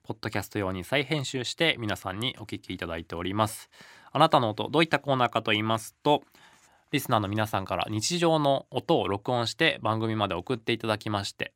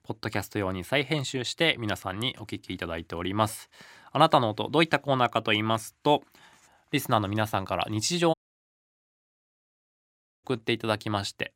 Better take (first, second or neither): first